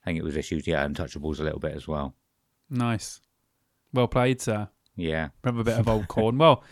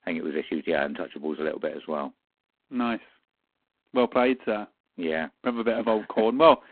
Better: first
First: none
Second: phone-call audio; poor line

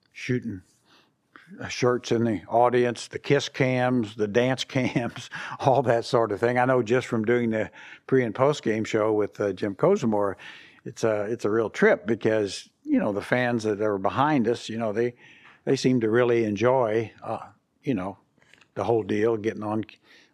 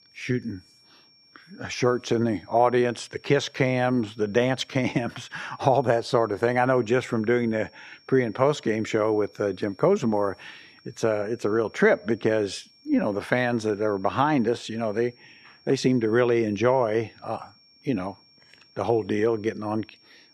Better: first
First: none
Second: high-pitched whine; faint; throughout; 5.5 kHz, 30 dB below the speech

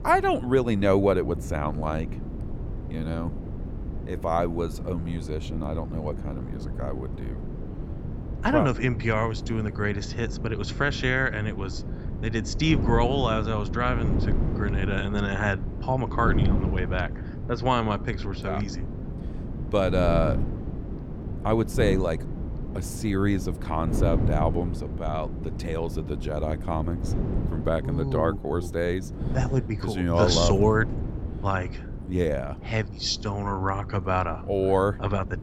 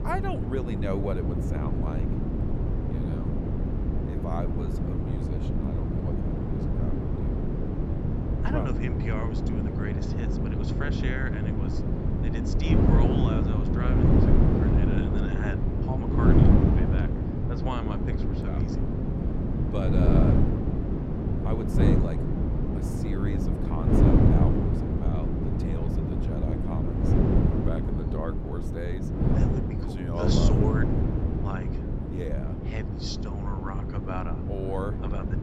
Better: first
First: wind noise on the microphone; occasional gusts; 15 dB below the speech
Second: wind noise on the microphone; heavy; 3 dB above the speech

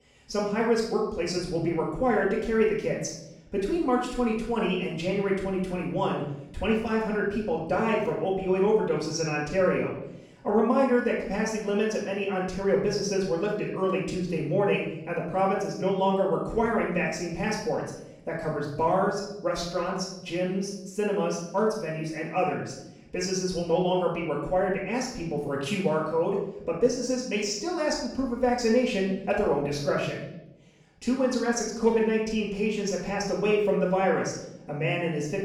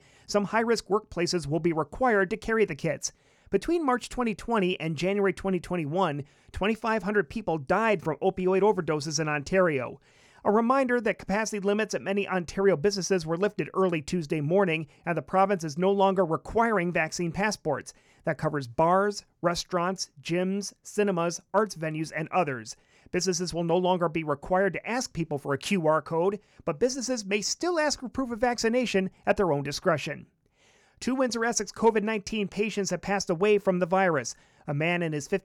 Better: second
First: off-mic speech; far // room echo; noticeable; dies away in 0.8 s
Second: none

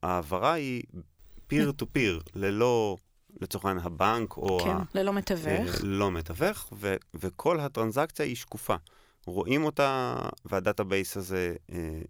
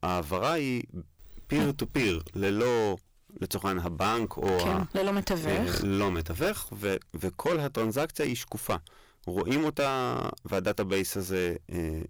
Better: first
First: none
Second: distortion; heavy; 12% of the sound clipped

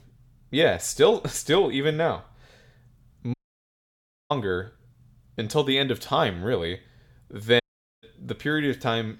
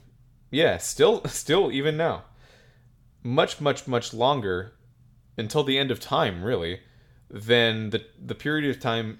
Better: second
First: audio cutting out; at 3.5 s for 1 s and at 7.5 s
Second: none

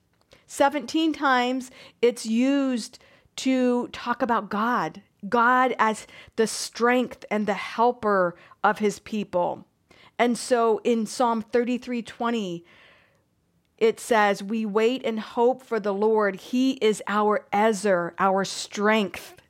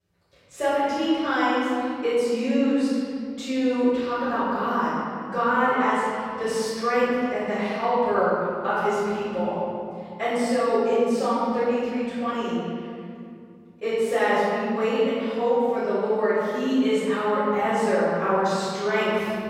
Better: first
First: none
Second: off-mic speech; far // room echo; strong; dies away in 2.3 s

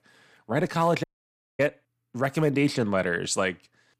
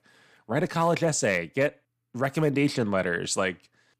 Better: second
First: audio cutting out; at 1 s for 0.5 s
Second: none

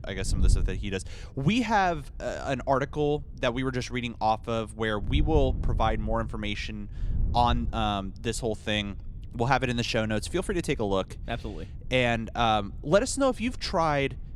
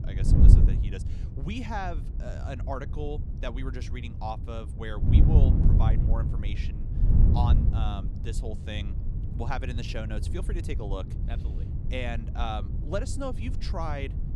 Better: first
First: wind noise on the microphone; occasional gusts; 25 dB below the speech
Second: wind noise on the microphone; heavy; 5 dB below the speech

